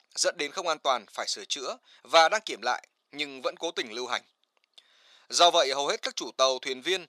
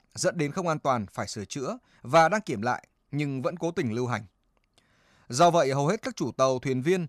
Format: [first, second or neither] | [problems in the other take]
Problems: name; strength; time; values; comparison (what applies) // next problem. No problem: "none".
second | thin; very; fading below 400 Hz